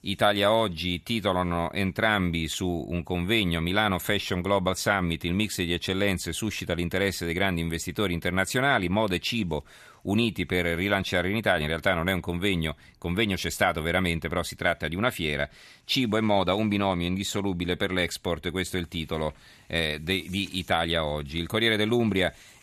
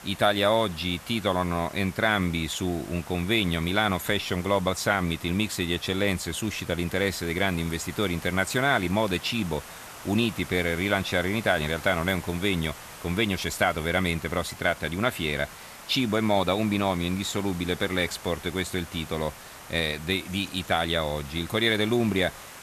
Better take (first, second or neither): first